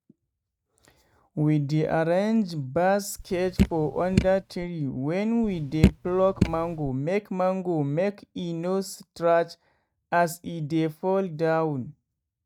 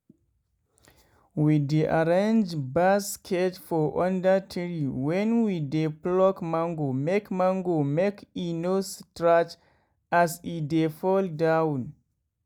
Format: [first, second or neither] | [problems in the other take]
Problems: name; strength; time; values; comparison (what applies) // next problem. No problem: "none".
second | noise reduction (neural mask model RNNoise)